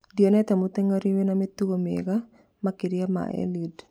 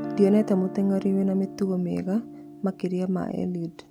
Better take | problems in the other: first | background sound (Guitar); 13 dB below the speech

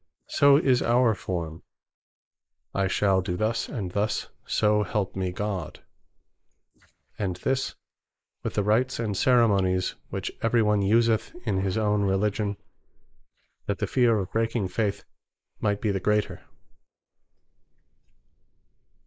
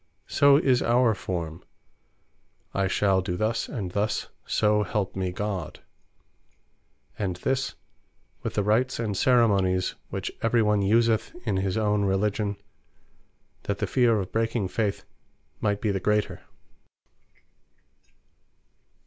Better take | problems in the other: second | noise reduction (neural mask model Resemble Enhance denoiser)

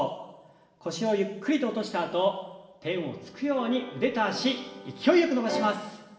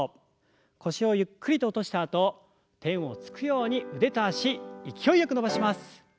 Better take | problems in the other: second | room echo; dies away in 1.2 s

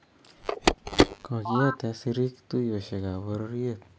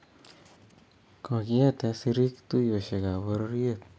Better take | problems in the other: second | background sound (Telephone); 2 dB above the speech

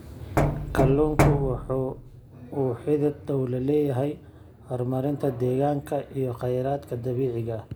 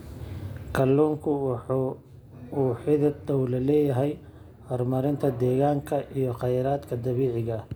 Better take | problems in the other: second | background sound (Knock); 2 dB above the speech

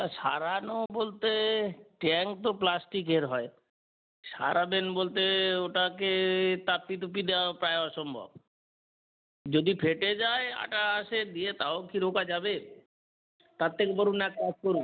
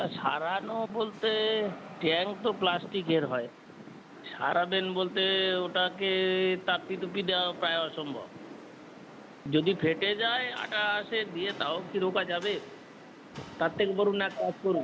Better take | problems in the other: first | background sound (Rain + Wind); 15 dB below the speech

